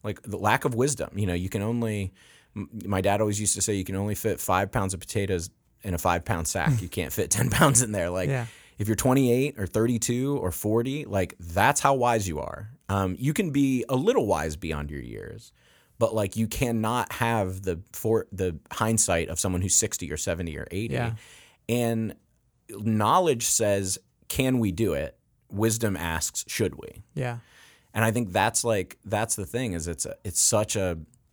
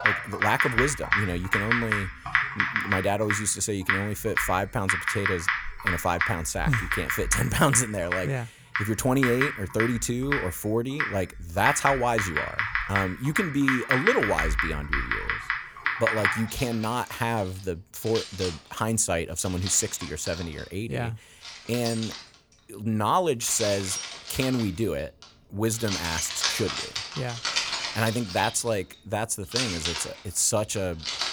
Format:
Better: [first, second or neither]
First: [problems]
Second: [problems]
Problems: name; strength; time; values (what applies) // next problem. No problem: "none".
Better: first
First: none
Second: household noises; loud; throughout; 1 dB below the speech